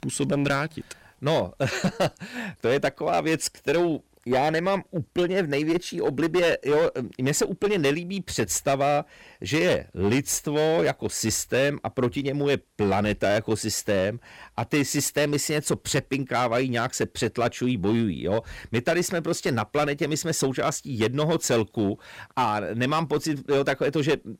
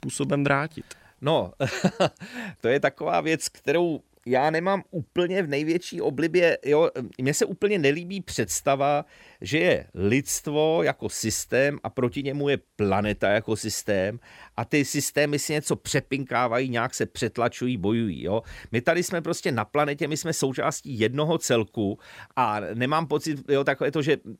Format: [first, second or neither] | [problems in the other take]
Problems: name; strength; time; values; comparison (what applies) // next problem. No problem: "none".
second | distortion; slight; 9% of the sound clipped